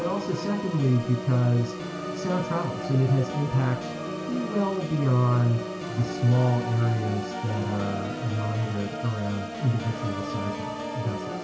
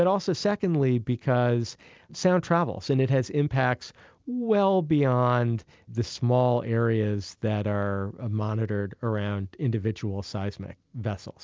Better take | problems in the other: second | background sound (Organ); 7 dB below the speech // room echo; dies away in 0.3 s

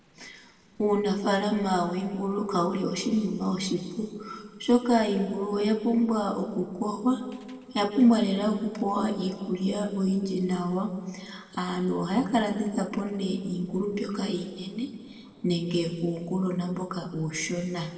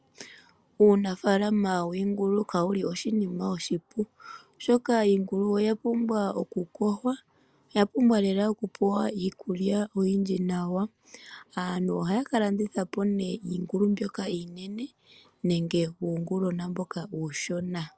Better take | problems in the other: second | noise reduction (neural separator model SepFormer DNS4)

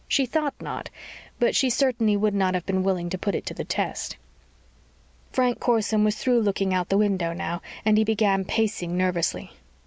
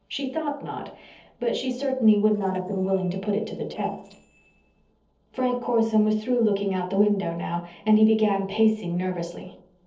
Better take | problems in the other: first | noise reduction (neural separator model SepFormer DNS4)

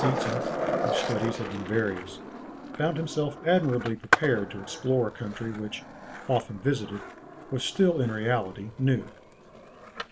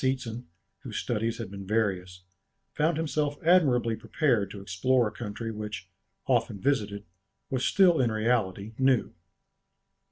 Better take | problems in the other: second | background sound (Skateboard); 5 dB below the speech

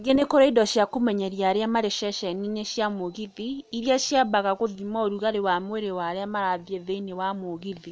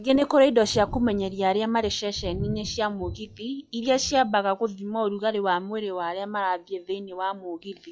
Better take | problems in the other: first | noise reduction (classical method log-MMSE)

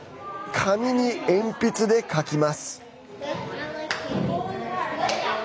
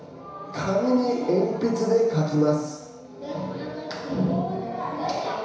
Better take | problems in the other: first | room echo; dies away in 1 s

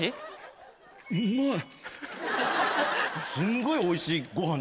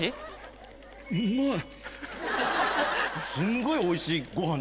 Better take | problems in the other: first | background sound (Mechanisms); 20 dB below the speech

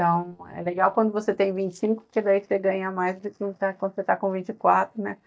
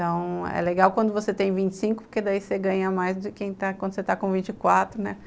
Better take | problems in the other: second | noise reduction (neural mask model DeepFilterNet 3)

